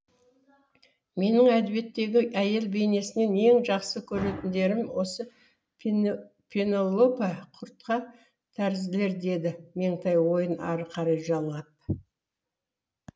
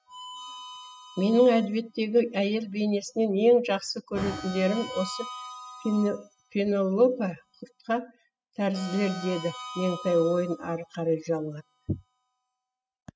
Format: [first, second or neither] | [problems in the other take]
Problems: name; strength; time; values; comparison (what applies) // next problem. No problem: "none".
first | noise reduction (classical method spectral subtraction)